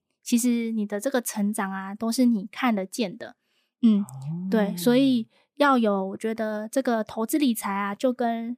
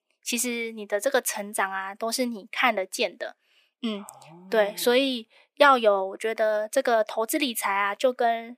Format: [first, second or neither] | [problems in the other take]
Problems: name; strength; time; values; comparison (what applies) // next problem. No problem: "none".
first | thin; somewhat; fading below 400 Hz